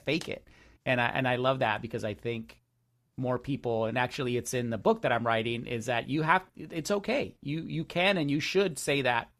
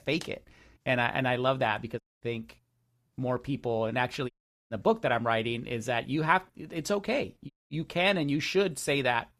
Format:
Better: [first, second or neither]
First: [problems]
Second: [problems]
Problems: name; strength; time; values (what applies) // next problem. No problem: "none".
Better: first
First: none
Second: audio cutting out; at 2 s, at 4.5 s and at 7.5 s